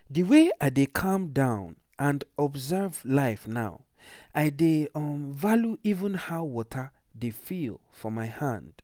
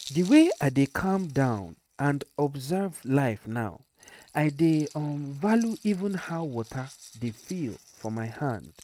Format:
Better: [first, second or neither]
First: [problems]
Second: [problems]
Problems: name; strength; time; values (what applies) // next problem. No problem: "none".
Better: first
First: none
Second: noise reduction (neural mask model RNNoise)